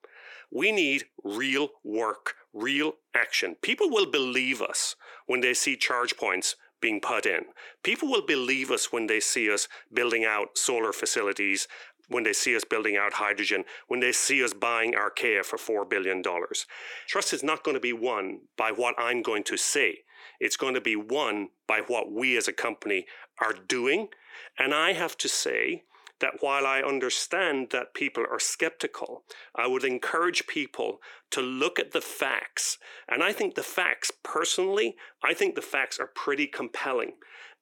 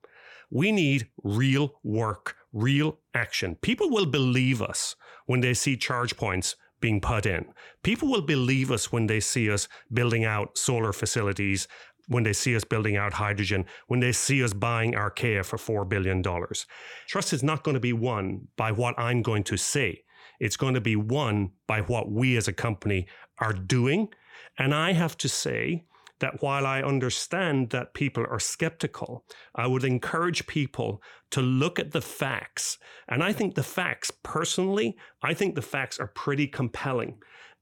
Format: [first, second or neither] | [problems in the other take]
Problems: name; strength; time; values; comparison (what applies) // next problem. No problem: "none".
second | thin; somewhat; fading below 350 Hz